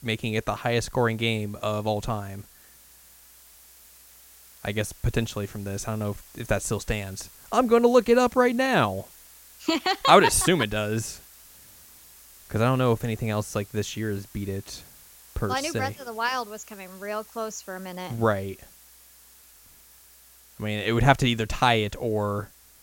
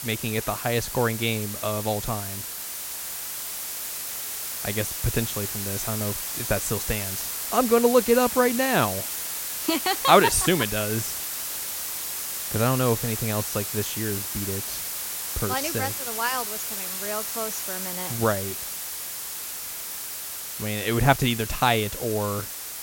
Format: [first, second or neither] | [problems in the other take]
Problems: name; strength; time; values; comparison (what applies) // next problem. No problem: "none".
first | hiss; loud; throughout; 4 dB below the speech; faint in the first